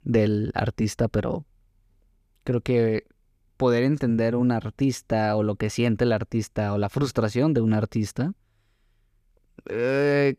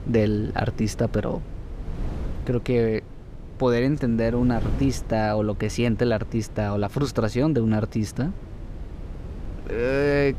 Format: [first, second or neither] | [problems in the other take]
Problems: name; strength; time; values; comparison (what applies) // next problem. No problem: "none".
first | wind noise on the microphone; occasional gusts; 20 dB below the speech